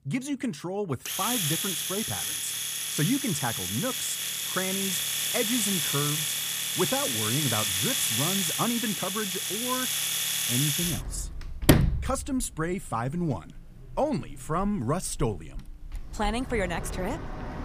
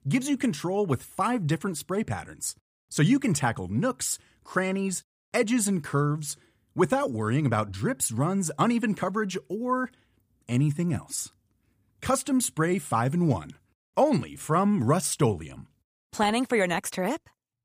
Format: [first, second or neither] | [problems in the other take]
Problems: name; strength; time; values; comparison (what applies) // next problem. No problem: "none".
second | household noises; very loud; throughout; 4 dB above the speech